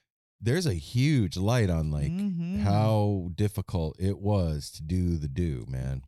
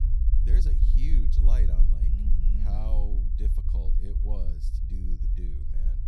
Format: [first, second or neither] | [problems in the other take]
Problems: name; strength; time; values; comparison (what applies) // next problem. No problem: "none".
first | low rumble; loud; throughout; 1 dB below the speech